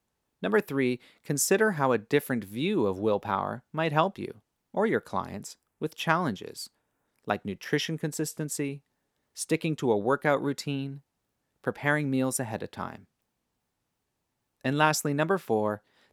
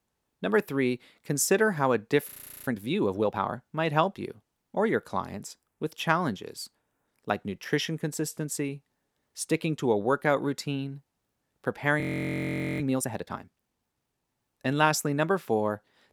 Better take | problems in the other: first | audio freezing; at 2.5 s and at 12 s for 1 s

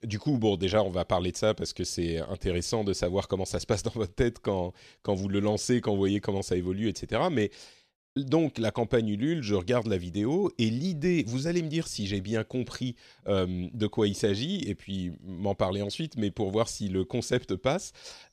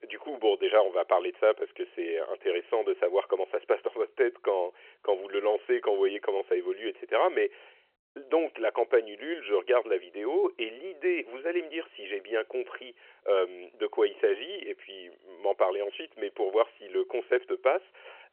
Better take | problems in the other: first | phone-call audio; nothing above 3 kHz

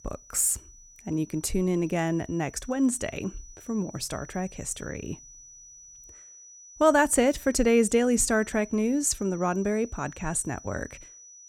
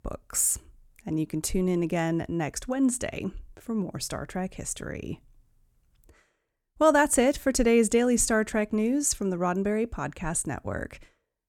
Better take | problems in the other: second | high-pitched whine; faint; throughout; 6 kHz, 20 dB below the speech

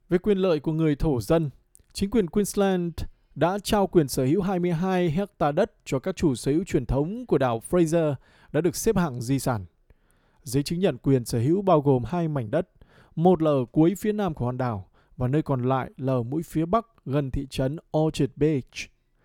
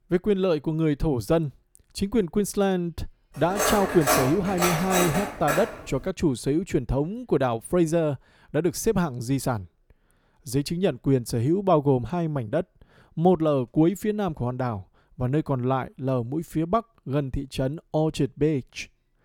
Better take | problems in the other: first | clattering dishes; loud; from 3.5 to 6 s; peak 2 dB above the speech

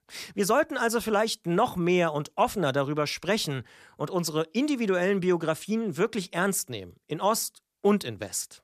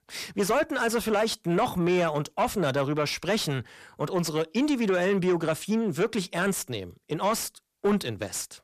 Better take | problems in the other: first | distortion; slight; 10 dB below the speech

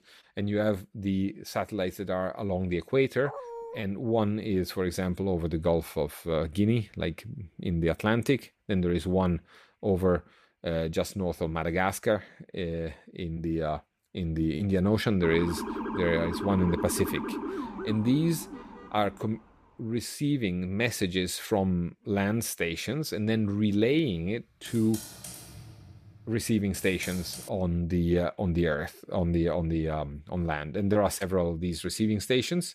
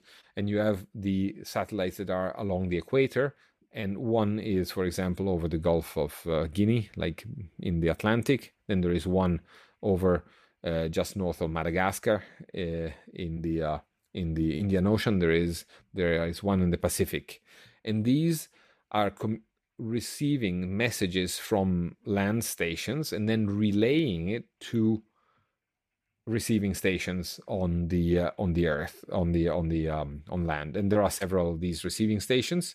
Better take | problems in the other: second | dog barking; faint; at 3 s; peak 10 dB below the speech // siren; noticeable; from 15 to 19 s; peak 4 dB below the speech // keyboard typing; faint; from 25 to 27 s; peak 10 dB below the speech

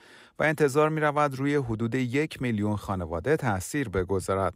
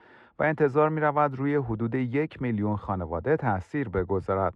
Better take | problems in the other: first | muffled; very; fading above 2 kHz

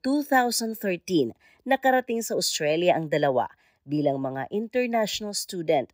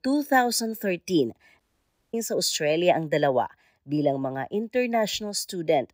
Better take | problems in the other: first | audio cutting out; at 1.5 s for 0.5 s

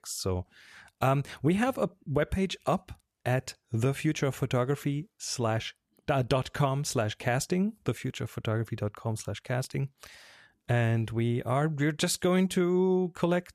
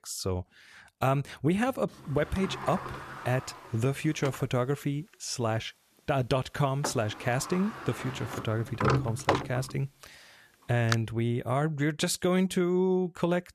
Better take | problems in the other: first | door banging; loud; from 2.5 to 11 s; peak 2 dB above the speech

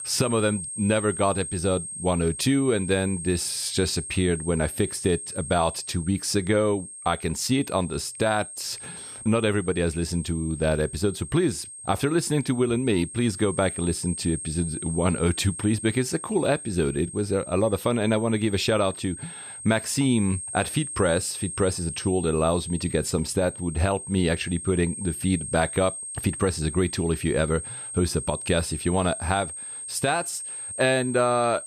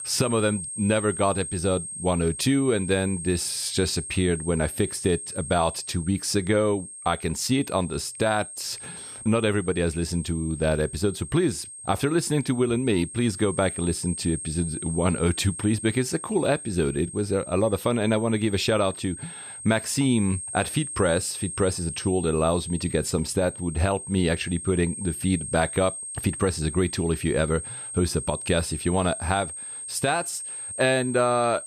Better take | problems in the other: neither | high-pitched whine; loud; throughout; 8.5 kHz, 9 dB below the speech; the same in both

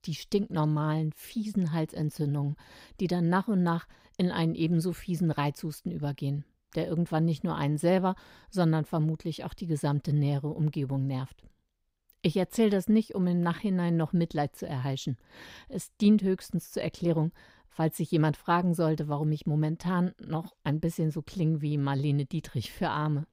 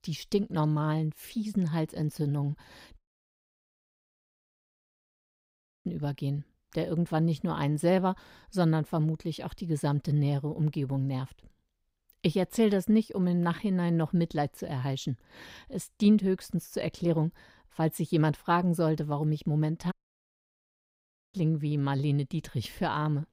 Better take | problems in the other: first | audio cutting out; at 3 s for 3 s and at 20 s for 1.5 s

